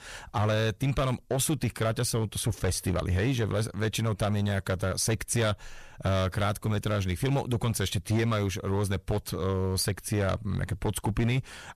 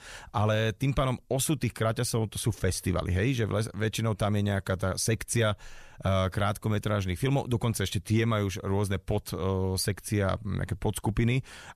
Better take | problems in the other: second | distortion; slight; 8% of the sound clipped

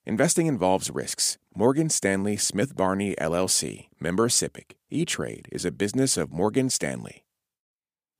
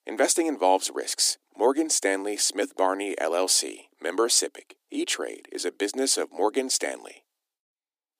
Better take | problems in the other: first | thin; somewhat; fading below 300 Hz

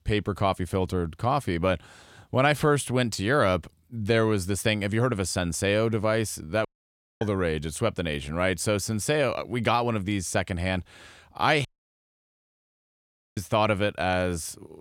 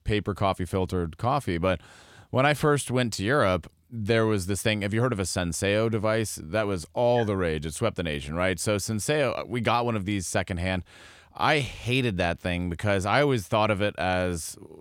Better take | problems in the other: second | audio cutting out; at 6.5 s for 0.5 s and at 12 s for 1.5 s

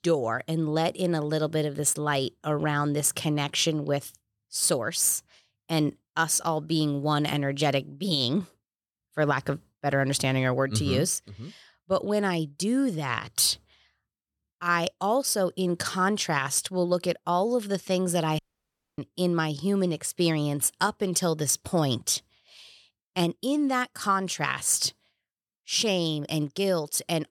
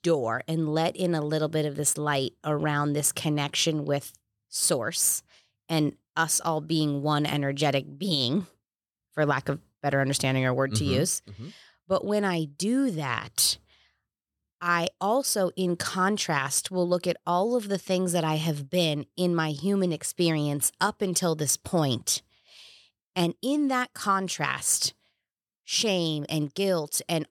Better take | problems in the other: second | audio cutting out; at 18 s for 0.5 s

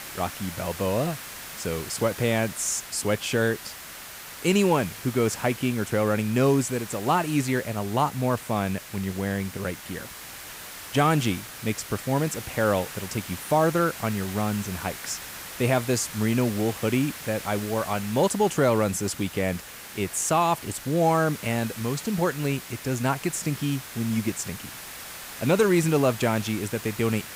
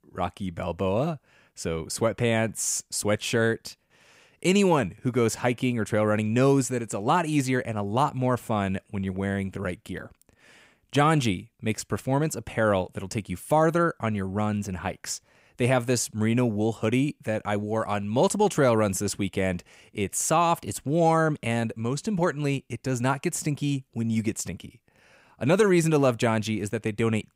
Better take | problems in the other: second | hiss; noticeable; throughout; 10 dB below the speech

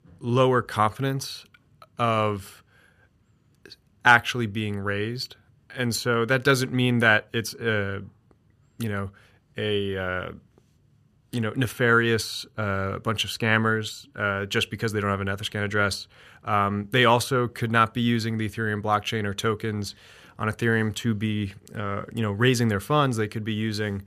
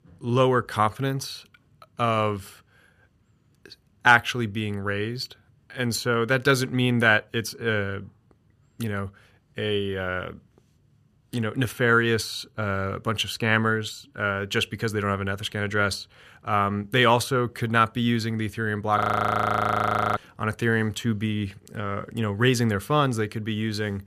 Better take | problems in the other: first | audio freezing; at 19 s for 1 s

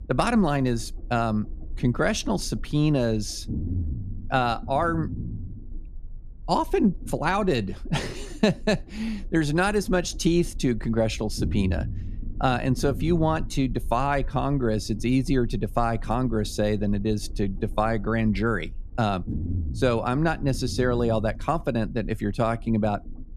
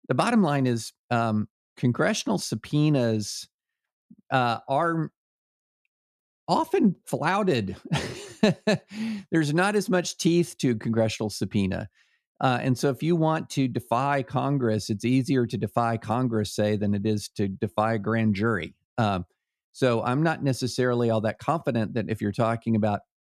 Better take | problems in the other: second | low rumble; faint; throughout; 20 dB below the speech

